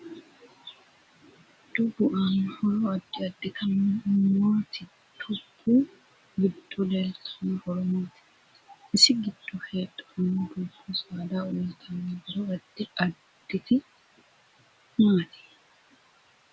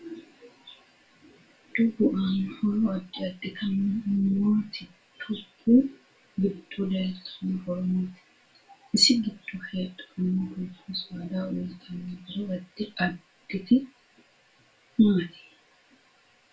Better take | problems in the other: first | room echo; dies away in 0.2 s

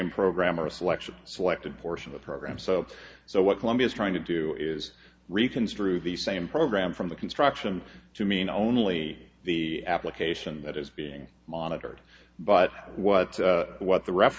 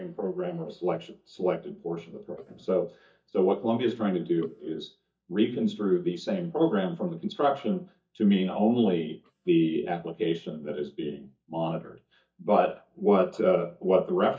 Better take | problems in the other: first | noise reduction (neural mask model DeepFilterNet 3)

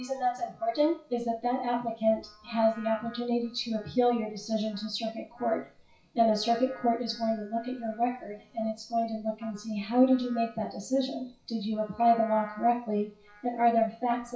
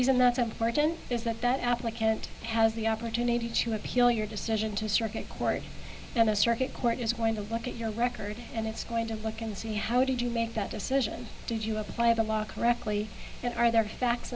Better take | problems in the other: second | noise reduction (classical method WPE with log-MMSE)

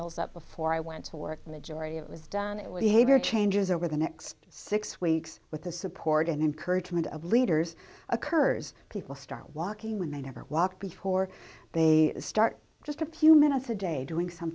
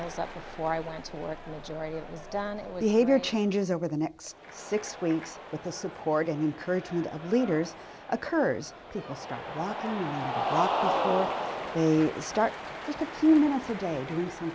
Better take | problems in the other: first | background sound (Cheering); 7 dB below the speech

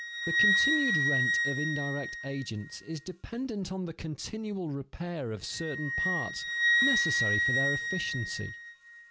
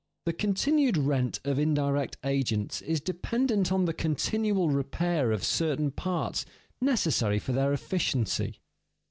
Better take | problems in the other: second | background sound (Wind instrument, woodwind instrument); 4 dB above the speech

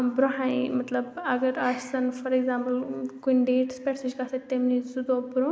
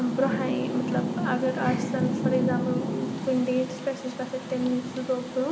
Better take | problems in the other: first | background sound (Rain); 2 dB below the speech // room echo; dies away in 0.3 s

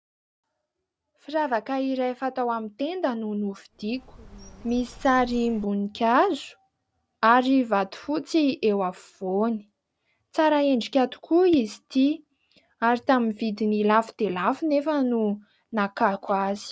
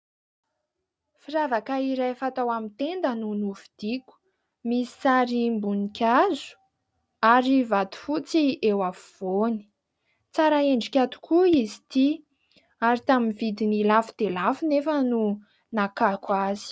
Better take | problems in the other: second | background sound (Bird); 19 dB below the speech

